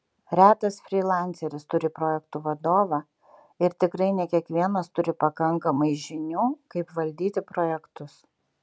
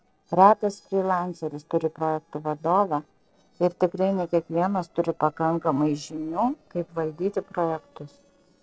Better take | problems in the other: first | noise reduction (neural separator model SepFormer DNS4)

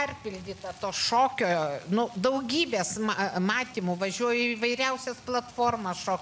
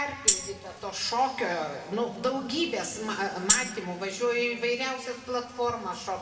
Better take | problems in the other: first | background sound (Tambourine); as loud as the speech // room echo; dies away in 2.1 s

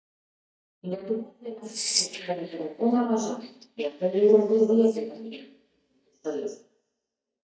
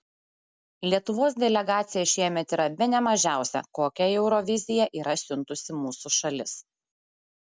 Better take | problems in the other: second | noise reduction (neural mask model DeepFilterNet 3)

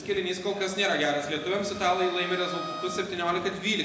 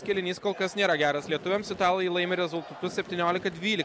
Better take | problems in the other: second | background sound (Bowed string instrument); 14 dB below the speech // room echo; dies away in 0.9 s

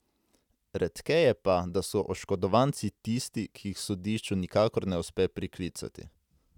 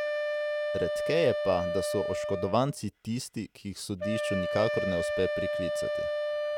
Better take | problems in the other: first | background sound (Wind instrument, woodwind instrument); as loud as the speech

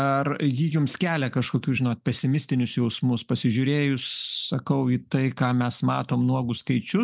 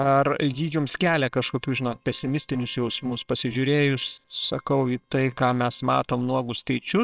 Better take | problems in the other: first | noise reduction (neural separator model SepFormer WHAMR!)

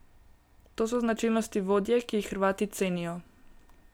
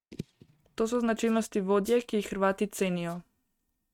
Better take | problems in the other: first | noise reduction (neural mask model RNNoise)

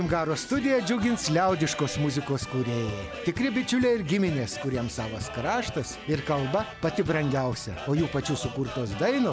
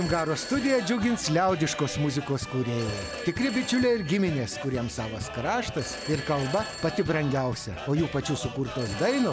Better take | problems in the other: first | background sound (Telephone); 16 dB below the speech

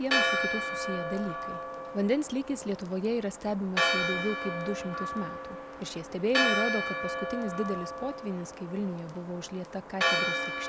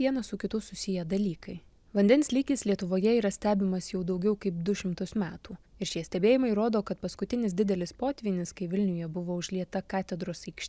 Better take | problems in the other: second | background sound (Church bell); 1 dB above the speech

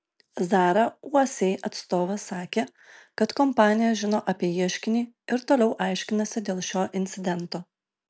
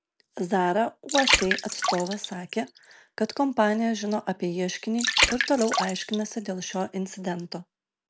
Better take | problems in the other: first | background sound (Water); 3 dB below the speech

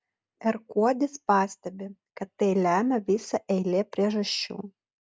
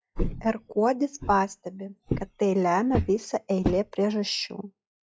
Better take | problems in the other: first | noise reduction (classical method log-MMSE)

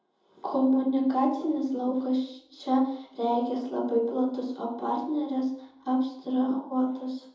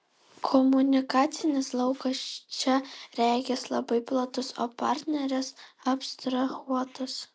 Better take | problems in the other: second | room echo; dies away in 2.6 s

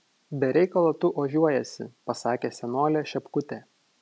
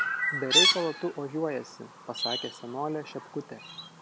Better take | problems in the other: first | background sound (Chirp, tweet); 4 dB above the speech

